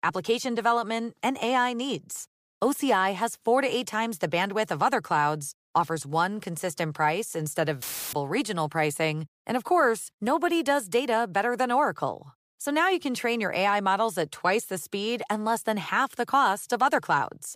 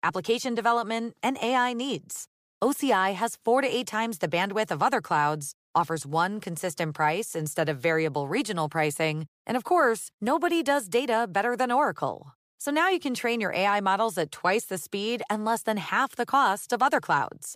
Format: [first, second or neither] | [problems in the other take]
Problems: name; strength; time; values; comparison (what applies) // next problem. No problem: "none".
second | audio cutting out; filled with static; at 8 s